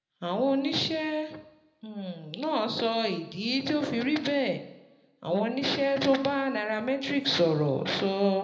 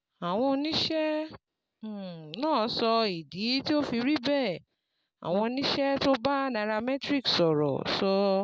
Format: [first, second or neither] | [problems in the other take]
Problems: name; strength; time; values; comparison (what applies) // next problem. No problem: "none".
second | room echo; dies away in 0.7 s